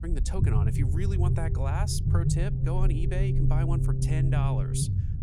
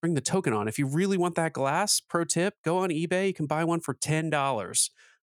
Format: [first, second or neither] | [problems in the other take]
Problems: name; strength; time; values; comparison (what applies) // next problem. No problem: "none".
second | low rumble; loud; throughout; 1 dB below the speech